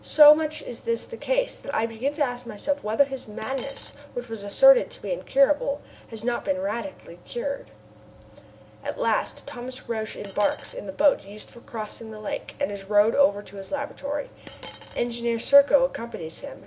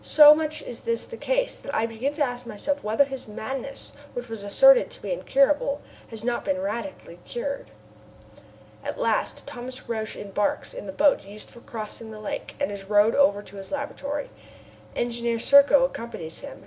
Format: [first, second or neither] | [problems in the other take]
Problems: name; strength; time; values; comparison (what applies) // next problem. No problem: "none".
second | background sound (Coin (dropping)); 17 dB below the speech